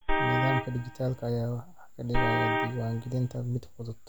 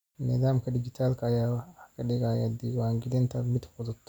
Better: second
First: background sound (Vehicle horn, car horn, honking); as loud as the speech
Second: none

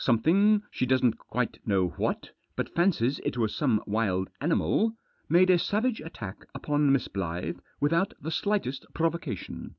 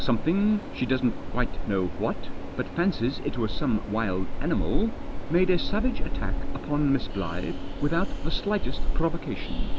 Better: first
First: none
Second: background sound (Train); 2 dB above the speech

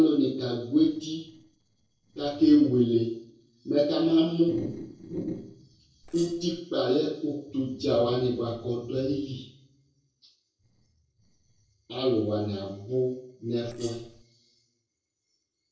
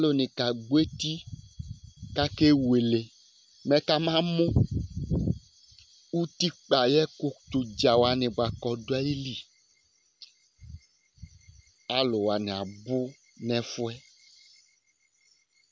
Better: second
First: noise reduction (neural separator model SepFormer DNS4)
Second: none

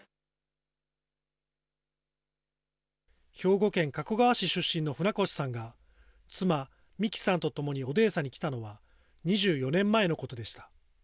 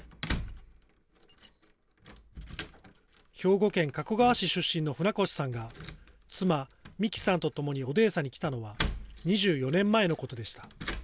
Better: first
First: none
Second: background sound (Keys jangling); 12 dB below the speech

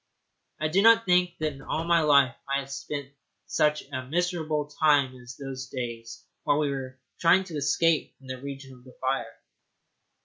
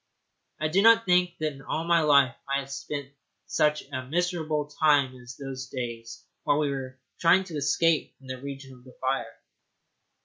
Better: second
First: background sound (Knock / Wood); 16 dB below the speech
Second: none

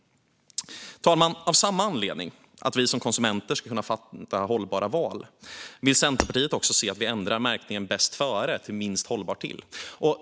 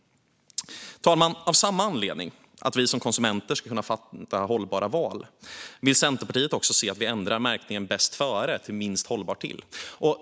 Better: second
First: background sound (Shatter); 8 dB below the speech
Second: none

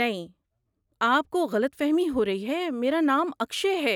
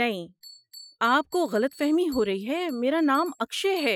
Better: first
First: none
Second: noise reduction (classical method Wiener filter)

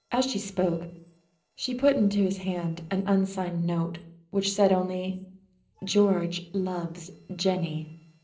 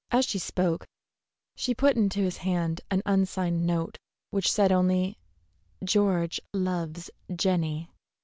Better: second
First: noise reduction (neural separator model SepFormer DNS4)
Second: none

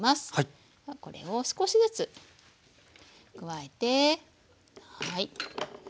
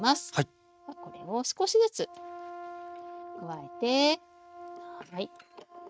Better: first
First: none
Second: noise reduction (neural mask model RNNoise)

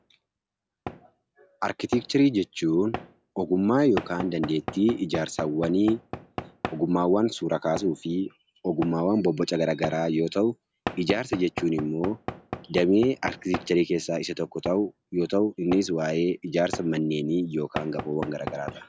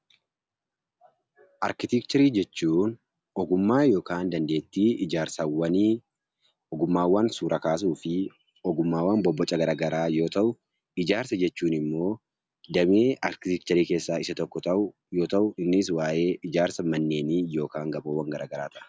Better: second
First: background sound (Knock / Wood); 13 dB below the speech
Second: none

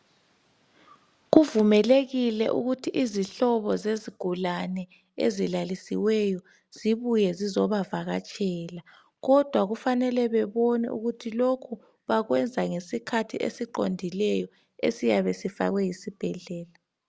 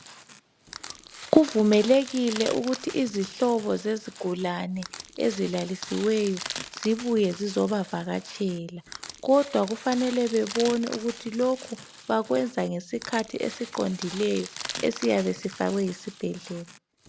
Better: first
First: none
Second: background sound (Crushing); 14 dB below the speech

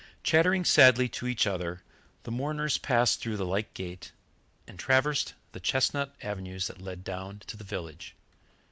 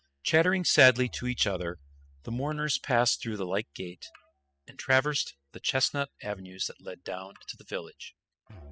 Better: first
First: none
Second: noise reduction (classical method spectral subtraction)

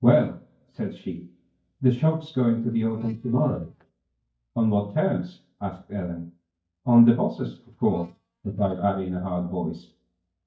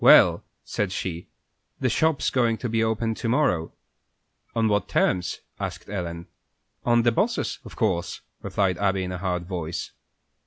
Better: second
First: noise reduction (neural mask model DeepFilterNet 3)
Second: none

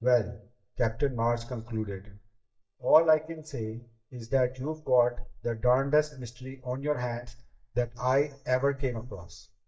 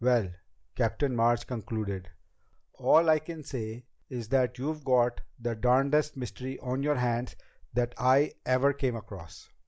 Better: second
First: noise reduction (neural mask model DeepFilterNet 3)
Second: none

